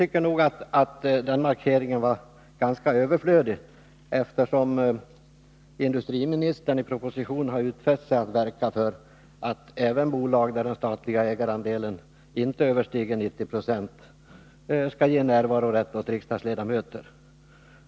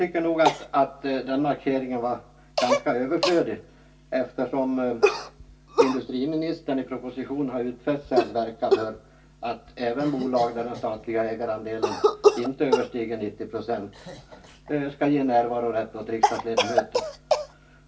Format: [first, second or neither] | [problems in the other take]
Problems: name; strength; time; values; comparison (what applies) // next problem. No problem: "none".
first | background sound (Cough); 2 dB below the speech // room echo; dies away in 0.2 s